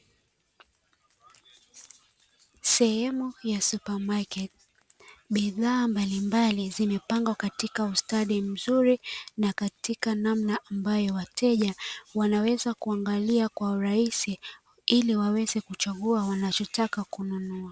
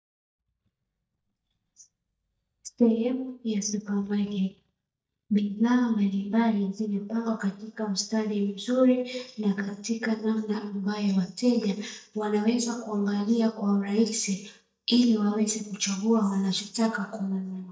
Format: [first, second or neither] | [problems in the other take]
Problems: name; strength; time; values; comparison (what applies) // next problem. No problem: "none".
first | noise reduction (neural mask model DeepFilterNet 3)